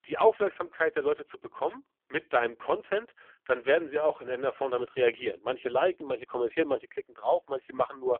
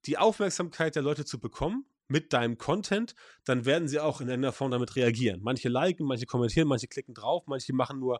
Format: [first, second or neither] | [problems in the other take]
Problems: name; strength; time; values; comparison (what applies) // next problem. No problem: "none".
second | phone-call audio; poor line; nothing above 3.5 kHz